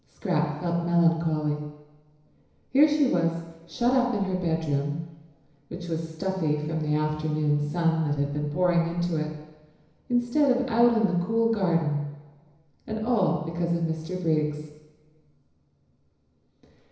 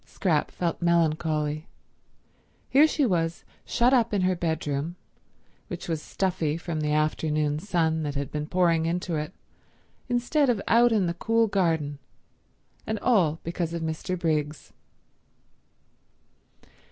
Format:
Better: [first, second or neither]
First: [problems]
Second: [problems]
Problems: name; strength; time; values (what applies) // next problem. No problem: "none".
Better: second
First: room echo; dies away in 1 s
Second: none